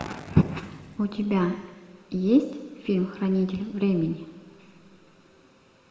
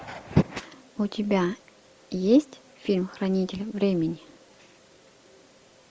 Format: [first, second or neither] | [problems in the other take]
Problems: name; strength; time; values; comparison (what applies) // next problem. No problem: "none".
second | room echo; dies away in 1.8 s